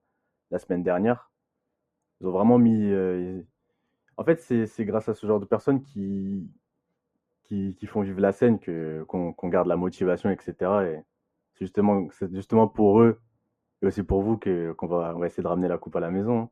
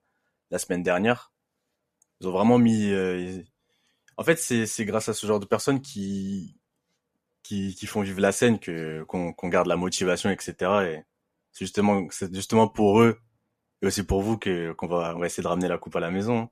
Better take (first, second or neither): second